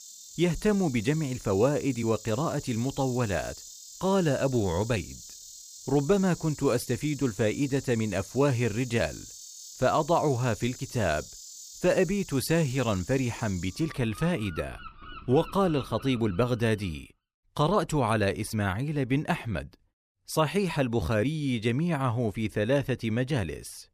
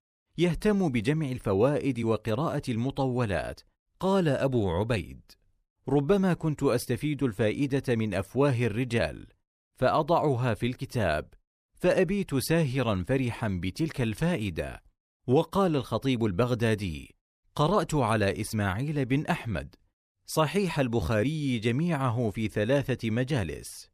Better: second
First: animal sounds; noticeable; until 16 s; 15 dB below the speech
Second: none

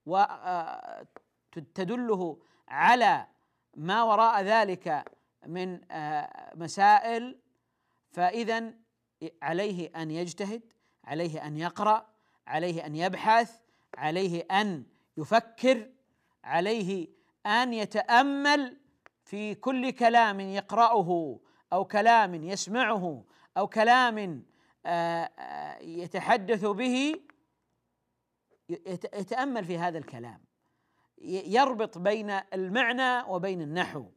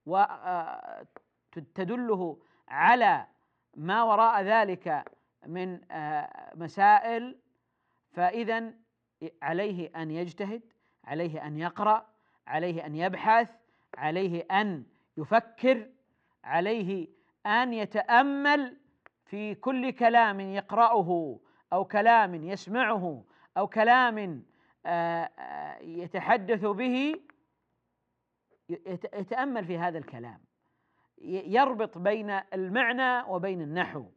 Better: first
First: none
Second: muffled; slightly; fading above 2.5 kHz

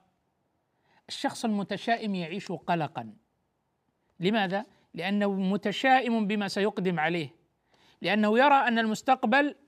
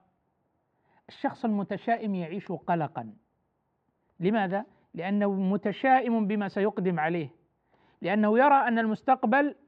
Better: first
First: none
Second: muffled; very; fading above 1.5 kHz

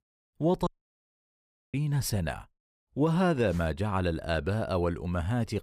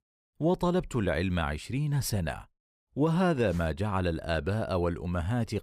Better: second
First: audio cutting out; at 0.5 s for 1 s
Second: none

